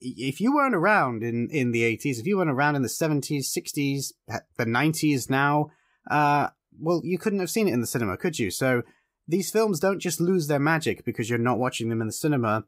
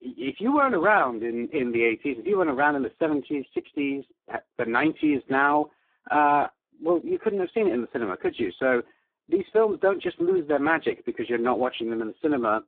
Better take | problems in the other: first | phone-call audio; poor line

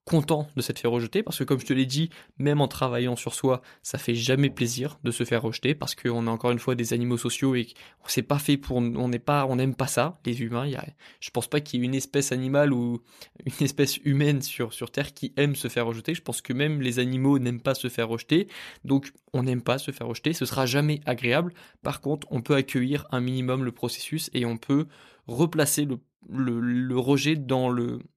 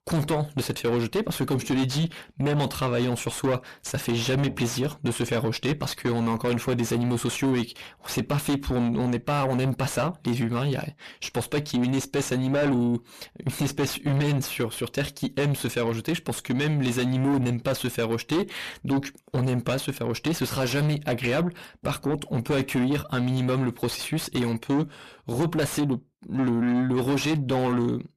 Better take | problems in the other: first | distortion; heavy; 6 dB below the speech

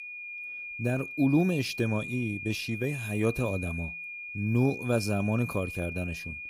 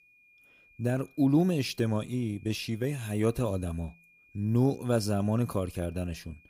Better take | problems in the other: second | high-pitched whine; loud; throughout; 2.5 kHz, 7 dB below the speech; faint in the second

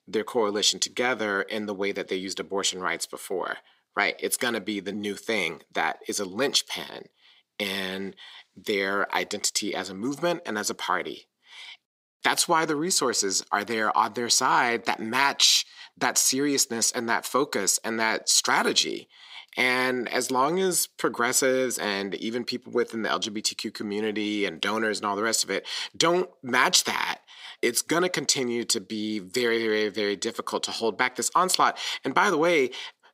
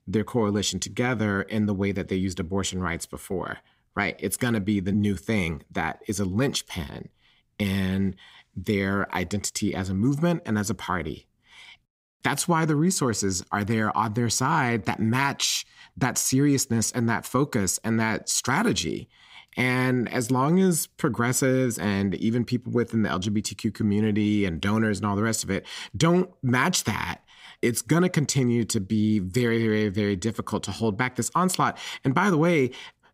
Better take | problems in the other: second | thin; somewhat; fading below 450 Hz

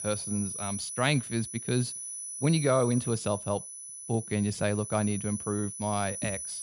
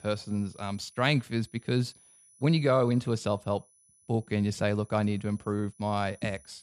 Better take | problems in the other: second | high-pitched whine; loud; throughout; 10 kHz, 6 dB below the speech; faint in the second

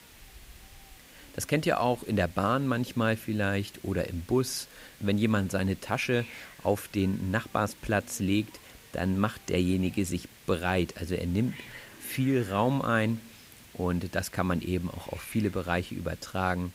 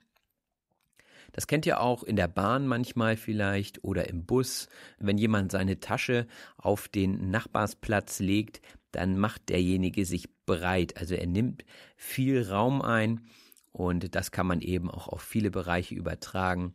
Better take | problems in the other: second | hiss; faint; throughout; 20 dB below the speech

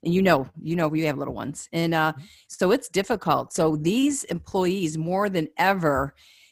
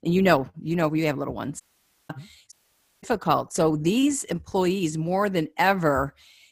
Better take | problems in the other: first | audio cutting out; at 1.5 s and at 2.5 s for 0.5 s

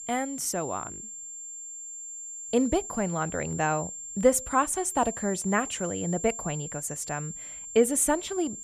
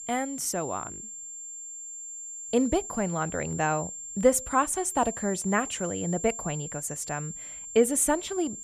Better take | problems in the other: neither | high-pitched whine; loud; throughout; 7.5 kHz, 9 dB below the speech; the same in both

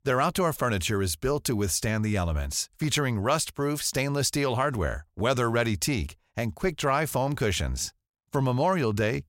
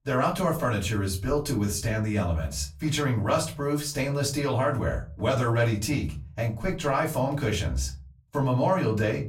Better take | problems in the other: first | off-mic speech; far // room echo; very slight; dies away in 0.4 s

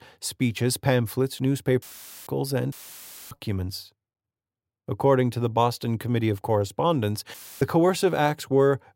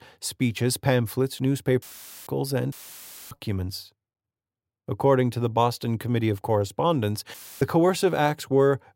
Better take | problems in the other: neither | audio cutting out; filled with static; at 2 s, at 2.5 s for 0.5 s and at 7.5 s; the same in both

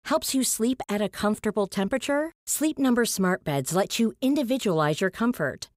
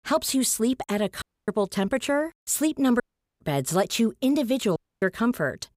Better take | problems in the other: first | audio cutting out; at 1 s, at 3 s and at 5 s

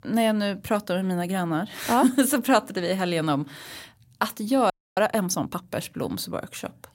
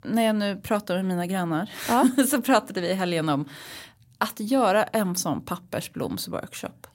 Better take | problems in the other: second | audio freezing; at 4.5 s

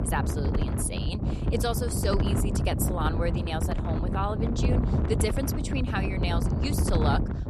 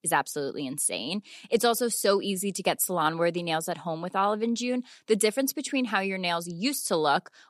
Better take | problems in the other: second | wind noise on the microphone; heavy; 3 dB below the speech

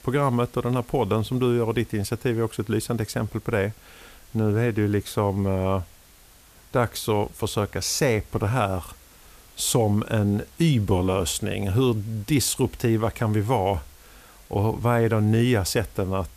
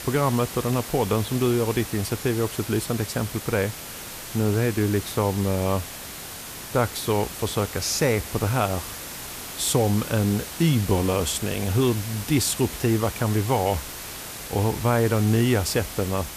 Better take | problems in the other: first | hiss; loud; throughout; 10 dB below the speech; faint in the first

